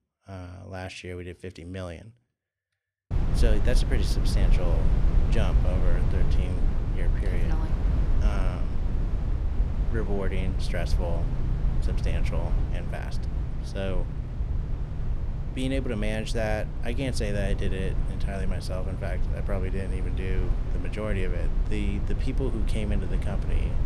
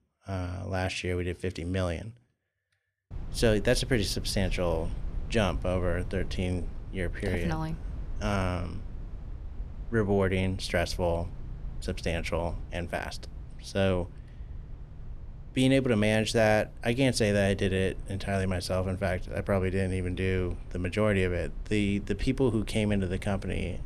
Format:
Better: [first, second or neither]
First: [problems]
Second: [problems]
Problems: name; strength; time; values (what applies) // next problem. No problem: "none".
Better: second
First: low rumble; loud; from 3 s on; 6 dB below the speech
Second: low rumble; faint; from 3 s on; 25 dB below the speech